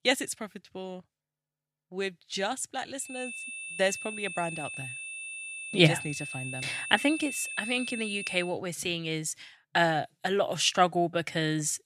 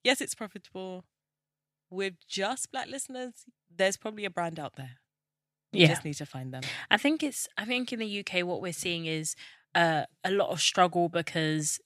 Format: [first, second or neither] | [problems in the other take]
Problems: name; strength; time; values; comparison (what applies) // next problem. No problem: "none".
second | high-pitched whine; loud; from 3 to 8.5 s; 2.5 kHz, 7 dB below the speech